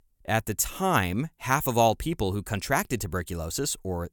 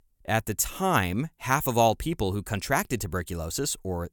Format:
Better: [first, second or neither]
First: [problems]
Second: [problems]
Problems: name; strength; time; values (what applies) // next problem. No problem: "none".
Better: neither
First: none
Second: none